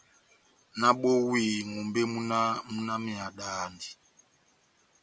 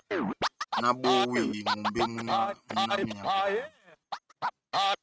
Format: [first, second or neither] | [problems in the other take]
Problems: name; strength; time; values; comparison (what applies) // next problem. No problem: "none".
first | noise reduction (neural mask model RNNoise)